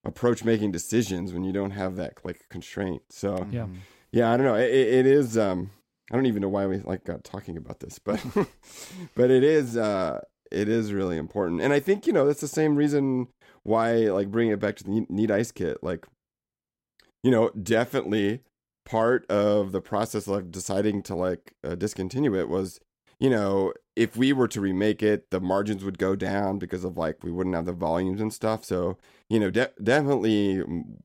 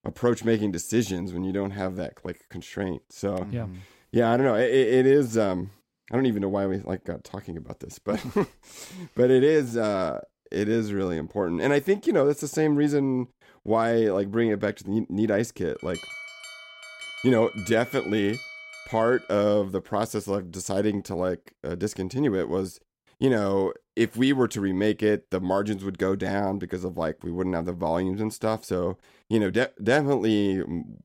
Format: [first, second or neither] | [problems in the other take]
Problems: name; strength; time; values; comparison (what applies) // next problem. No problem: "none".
first | alarm; faint; from 16 to 19 s; peak 10 dB below the speech